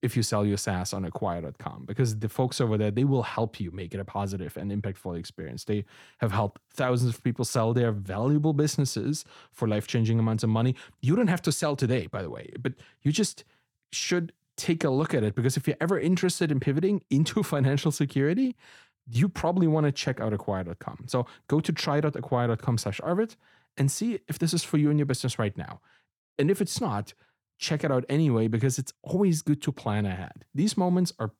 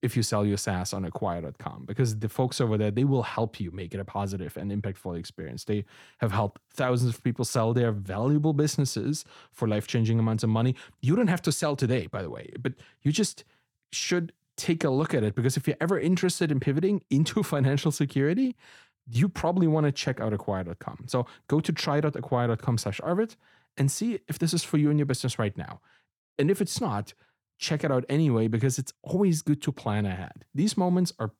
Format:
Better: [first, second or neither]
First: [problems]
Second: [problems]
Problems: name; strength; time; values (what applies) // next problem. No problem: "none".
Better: neither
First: none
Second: none